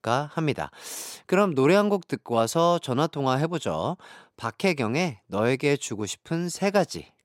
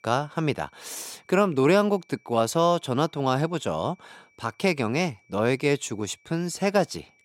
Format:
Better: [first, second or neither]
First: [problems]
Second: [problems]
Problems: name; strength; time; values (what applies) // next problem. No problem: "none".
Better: first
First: none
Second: high-pitched whine; faint; throughout; 2.5 kHz, 35 dB below the speech